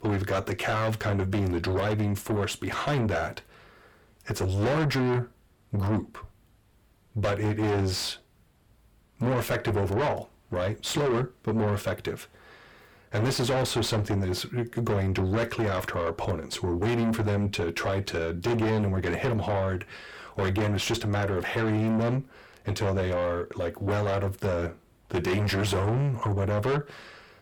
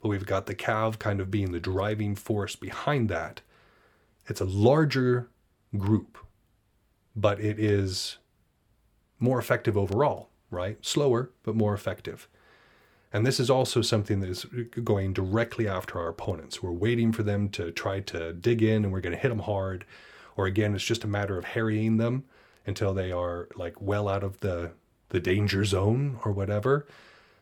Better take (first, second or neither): second